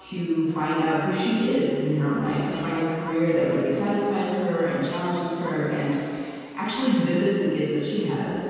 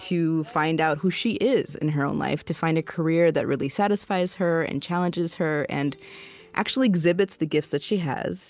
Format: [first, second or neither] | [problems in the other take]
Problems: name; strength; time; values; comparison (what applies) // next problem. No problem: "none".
second | background sound (Crowd); 16 dB below the speech // room echo; dies away in 2.1 s